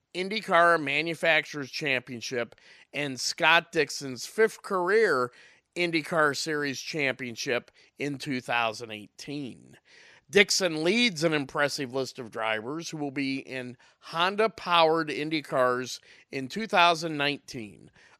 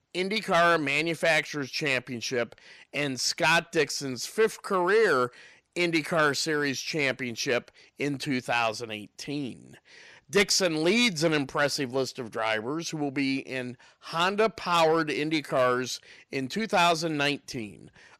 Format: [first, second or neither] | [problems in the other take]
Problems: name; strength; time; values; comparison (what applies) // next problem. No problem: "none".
first | distortion; slight; 10 dB below the speech